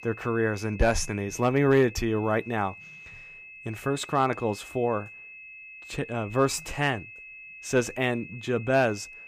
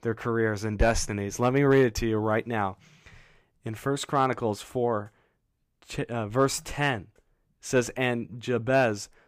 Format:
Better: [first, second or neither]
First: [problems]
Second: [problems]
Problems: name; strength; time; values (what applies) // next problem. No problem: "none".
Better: second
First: high-pitched whine; noticeable; throughout; 2.5 kHz, 15 dB below the speech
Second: none